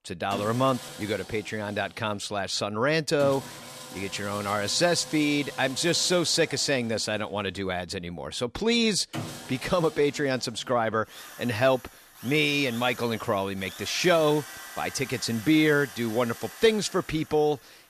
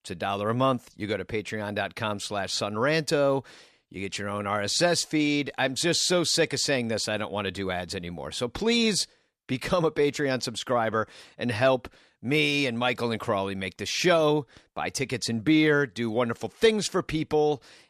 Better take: second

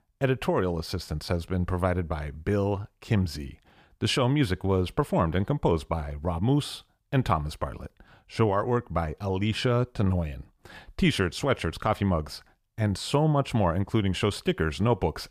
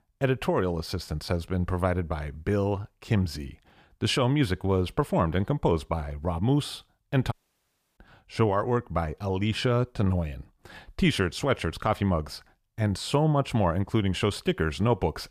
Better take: first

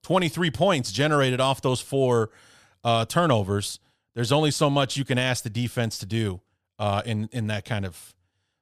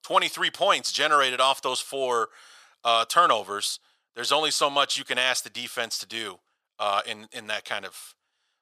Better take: first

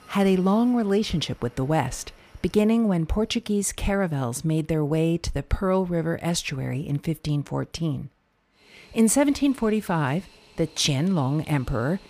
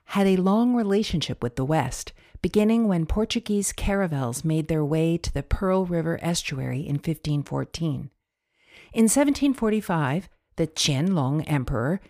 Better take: second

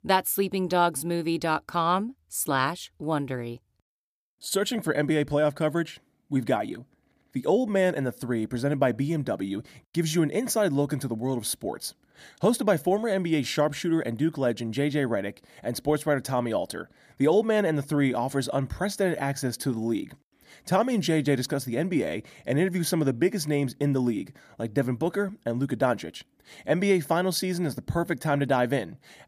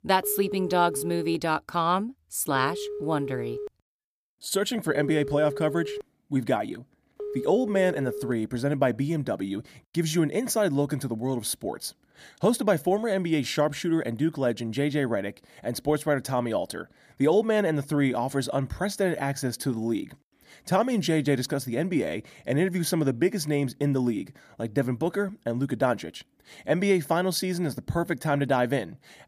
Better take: first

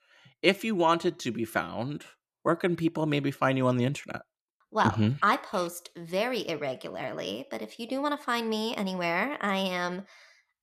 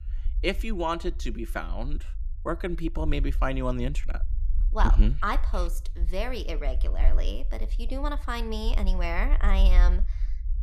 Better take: first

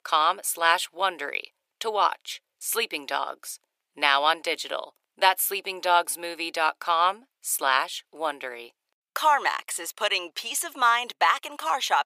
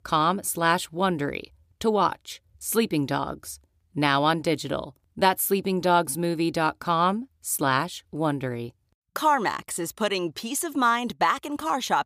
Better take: second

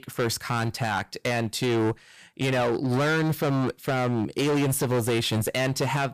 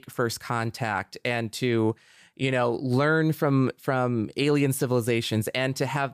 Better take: second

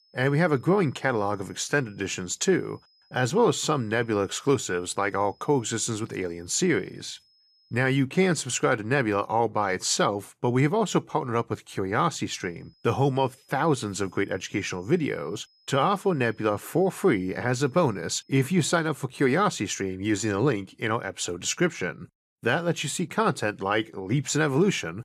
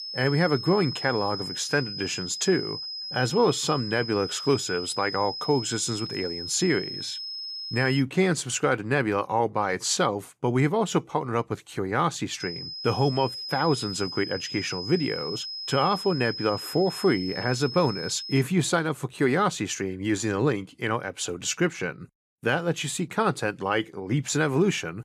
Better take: first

